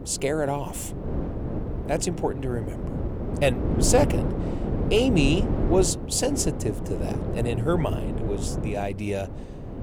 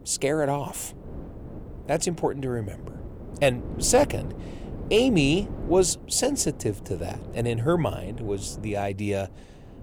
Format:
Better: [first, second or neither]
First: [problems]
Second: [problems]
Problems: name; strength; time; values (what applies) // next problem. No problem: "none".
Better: second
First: wind noise on the microphone; heavy; 7 dB below the speech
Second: wind noise on the microphone; occasional gusts; 20 dB below the speech